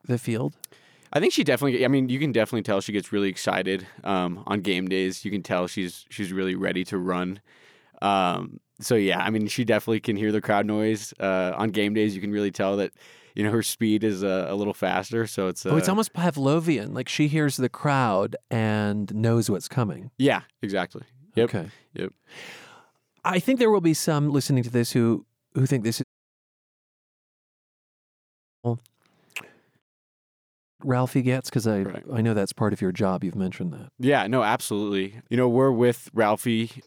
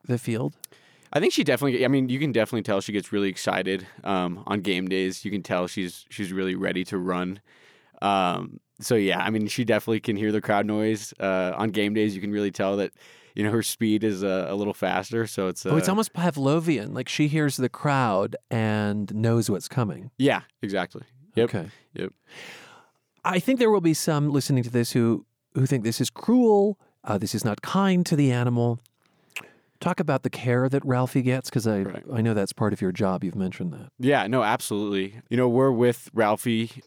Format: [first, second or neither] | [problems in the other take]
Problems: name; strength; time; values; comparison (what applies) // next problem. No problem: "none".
second | audio cutting out; at 26 s for 2.5 s and at 30 s for 1 s